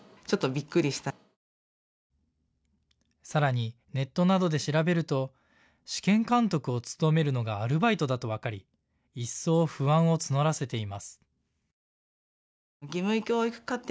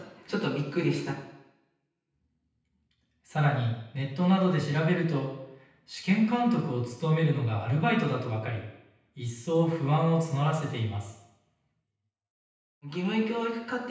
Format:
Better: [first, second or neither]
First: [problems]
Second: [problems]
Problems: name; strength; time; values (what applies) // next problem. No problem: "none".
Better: first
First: none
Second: room echo; dies away in 0.9 s